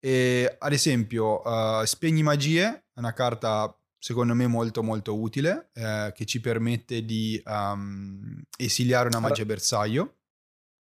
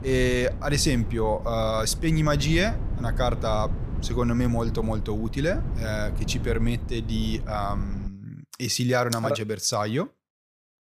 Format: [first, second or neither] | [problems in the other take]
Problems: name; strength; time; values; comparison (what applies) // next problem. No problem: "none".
first | wind noise on the microphone; occasional gusts; until 8 s; 15 dB below the speech